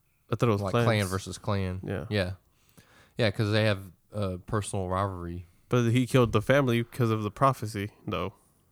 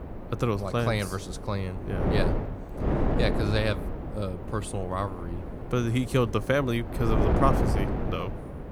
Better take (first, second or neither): first